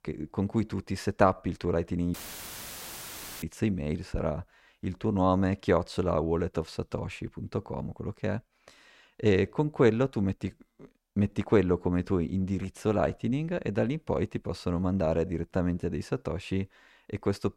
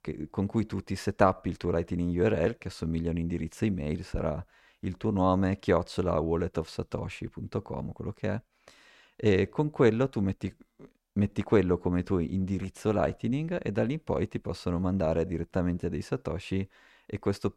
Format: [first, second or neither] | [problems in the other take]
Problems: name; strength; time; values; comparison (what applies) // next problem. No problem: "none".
second | audio cutting out; filled with static; at 2 s for 1.5 s